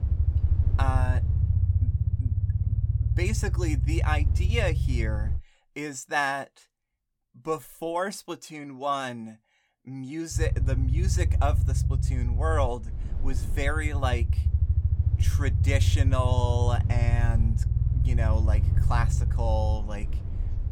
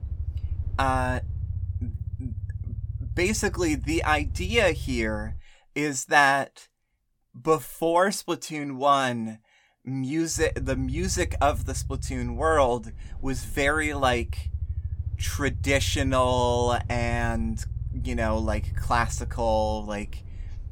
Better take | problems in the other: second | low rumble; loud; until 5.5 s and from 10 s on; 10 dB below the speech; faint in the second

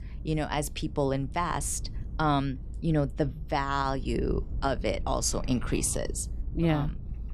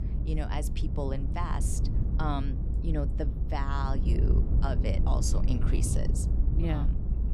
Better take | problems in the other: first | low rumble; loud; throughout; 6 dB below the speech; faint in the first

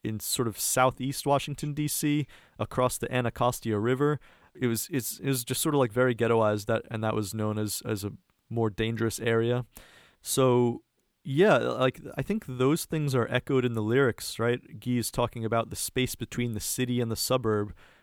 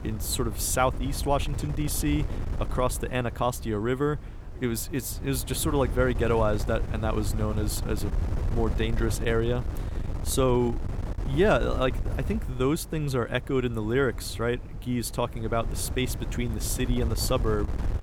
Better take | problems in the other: first | wind noise on the microphone; occasional gusts; 15 dB below the speech

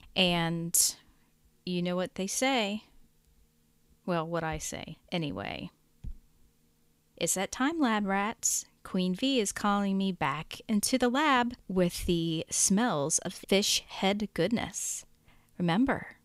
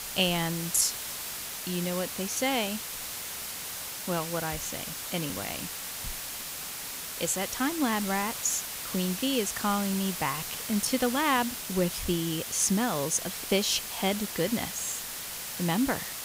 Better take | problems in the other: first | hiss; loud; throughout; 5 dB below the speech

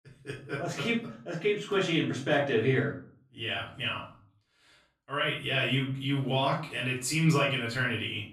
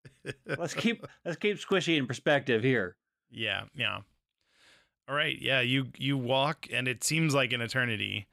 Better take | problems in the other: second | off-mic speech; far // room echo; slight; dies away in 0.4 s

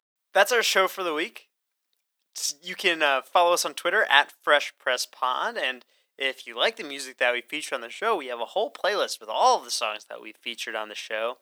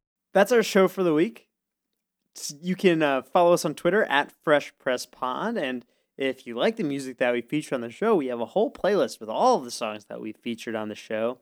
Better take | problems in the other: second | thin; very; fading below 800 Hz

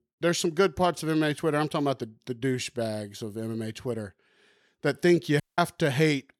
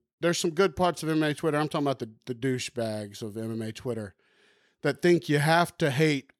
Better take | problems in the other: second | audio cutting out; at 5.5 s

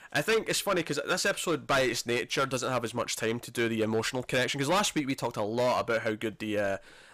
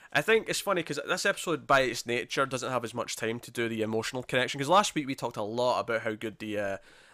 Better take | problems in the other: second | distortion; heavy; 8% of the sound clipped

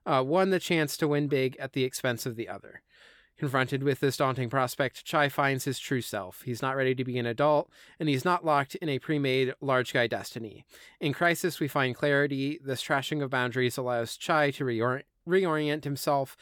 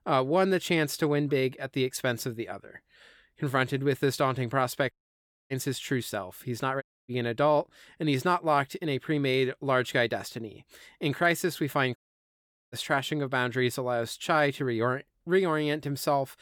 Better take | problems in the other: first | audio cutting out; at 5 s for 0.5 s, at 7 s and at 12 s for 1 s

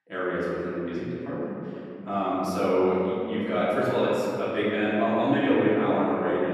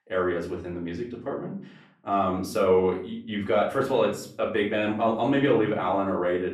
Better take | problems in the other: second | room echo; strong; dies away in 2.4 s; slight in the second // off-mic speech; far; far in the second

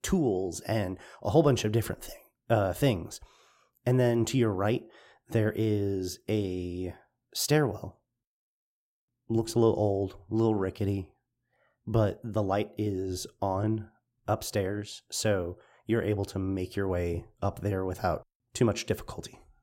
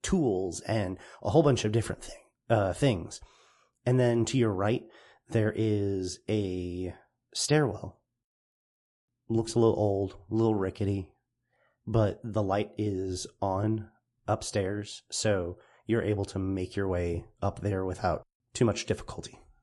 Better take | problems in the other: first | garbled, watery; slightly; nothing above 11 kHz

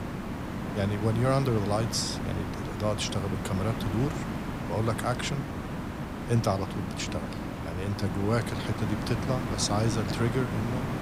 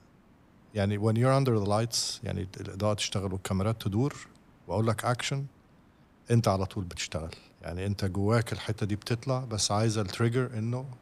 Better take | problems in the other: second | hiss; loud; throughout; 4 dB below the speech; faint in the second

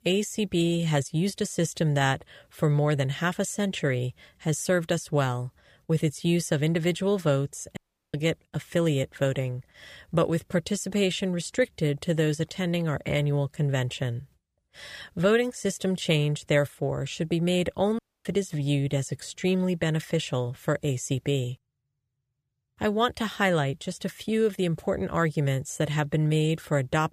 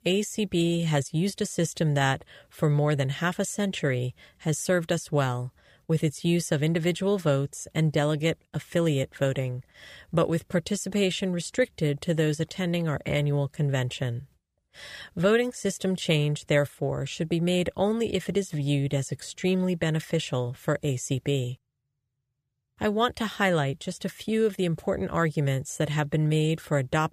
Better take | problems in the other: second | audio cutting out; at 8 s and at 18 s

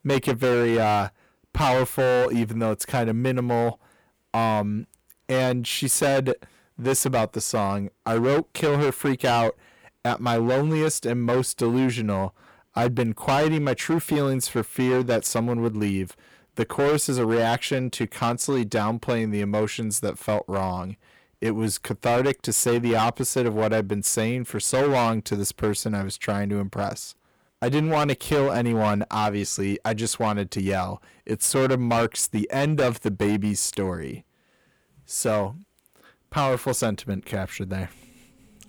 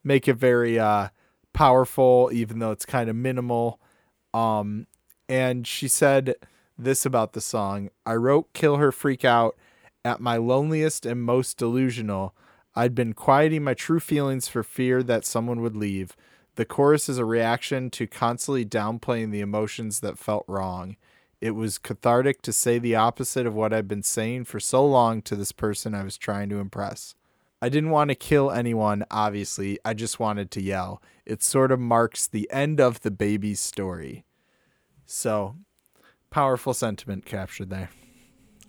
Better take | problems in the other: second | distortion; heavy; 12% of the sound clipped

